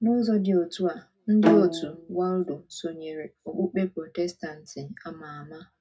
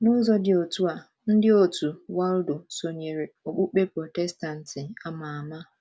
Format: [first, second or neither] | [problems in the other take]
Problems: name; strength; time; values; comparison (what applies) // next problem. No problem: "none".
second | background sound (Bowed string instrument); as loud as the speech // room echo; dies away in 0.2 s